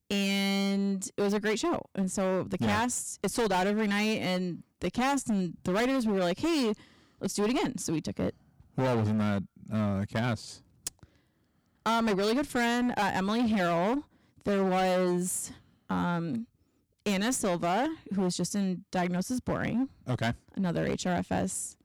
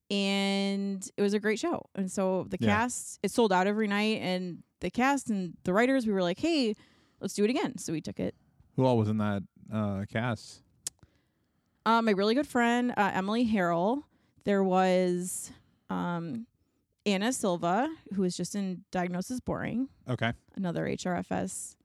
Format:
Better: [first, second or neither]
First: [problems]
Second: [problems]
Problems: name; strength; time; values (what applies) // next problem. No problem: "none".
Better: second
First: distortion; heavy; 16% of the sound clipped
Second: none